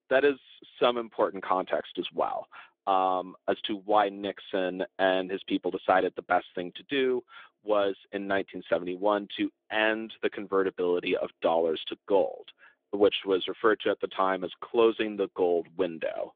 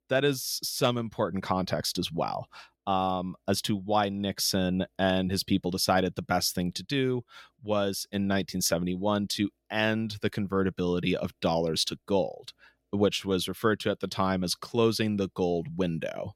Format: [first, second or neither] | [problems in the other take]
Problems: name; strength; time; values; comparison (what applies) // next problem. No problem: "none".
second | phone-call audio; nothing above 3.5 kHz